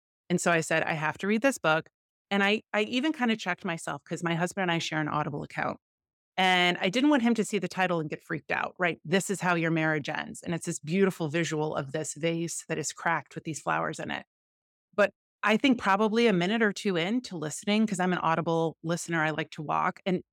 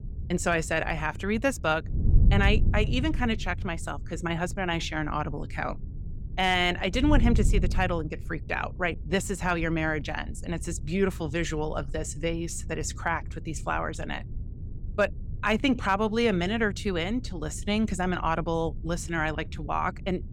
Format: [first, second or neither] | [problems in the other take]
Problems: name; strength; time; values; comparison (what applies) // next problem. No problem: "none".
first | wind noise on the microphone; occasional gusts; 20 dB below the speech